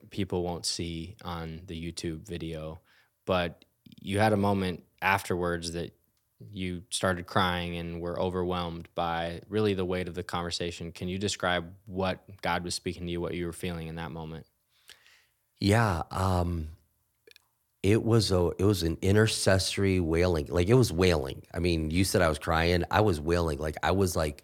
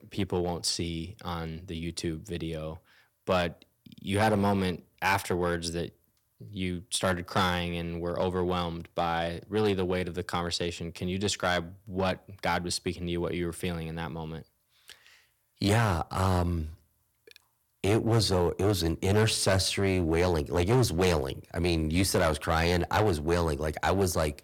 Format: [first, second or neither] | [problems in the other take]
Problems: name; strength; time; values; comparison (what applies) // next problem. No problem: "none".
first | distortion; slight; 4% of the sound clipped